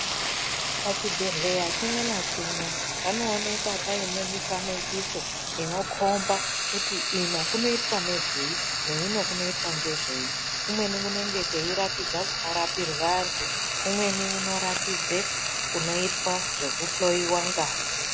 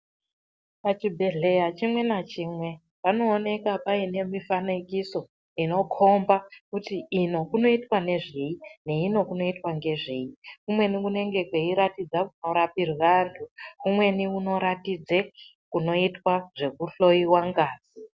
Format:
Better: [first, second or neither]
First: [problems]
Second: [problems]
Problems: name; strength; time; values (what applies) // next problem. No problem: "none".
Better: second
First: background sound (Frying (food)); 2 dB above the speech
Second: none